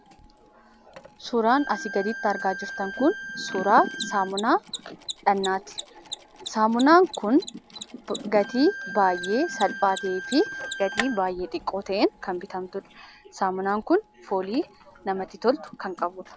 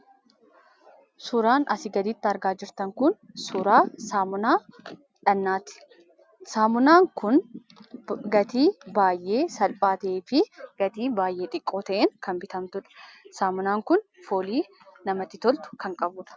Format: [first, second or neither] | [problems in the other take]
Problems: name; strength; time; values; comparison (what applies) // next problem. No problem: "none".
second | background sound (Bowed string instrument + Mechanisms); 13 dB below the speech